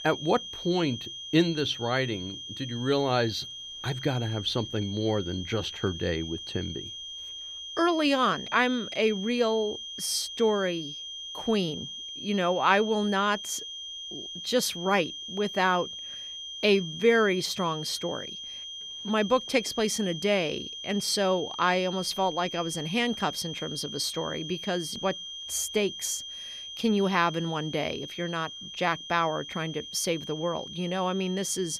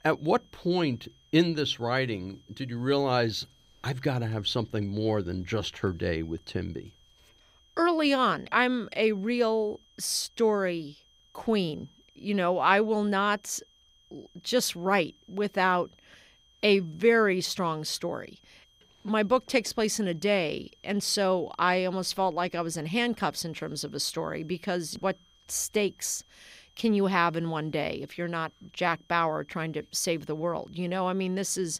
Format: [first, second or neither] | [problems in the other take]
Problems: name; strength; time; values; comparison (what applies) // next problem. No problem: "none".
second | high-pitched whine; loud; throughout; 3 kHz, 9 dB below the speech; faint in the second